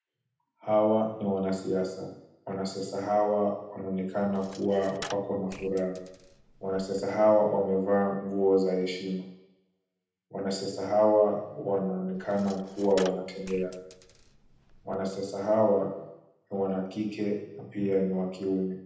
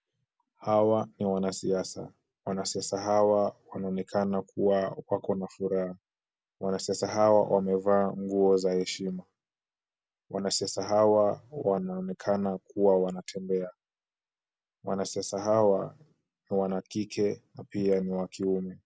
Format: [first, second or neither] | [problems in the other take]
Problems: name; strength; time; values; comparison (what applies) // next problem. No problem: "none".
second | background sound (Coin (dropping)); 19 dB below the speech // room echo; dies away in 0.8 s